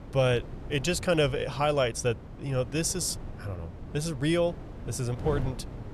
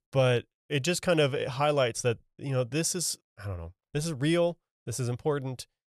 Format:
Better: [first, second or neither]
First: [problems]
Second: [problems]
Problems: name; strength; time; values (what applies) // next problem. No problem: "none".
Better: second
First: wind noise on the microphone; occasional gusts; 20 dB below the speech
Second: none